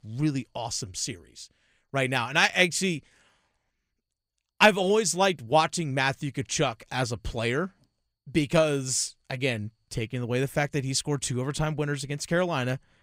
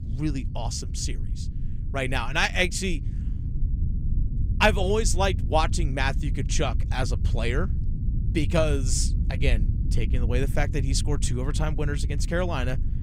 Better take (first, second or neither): first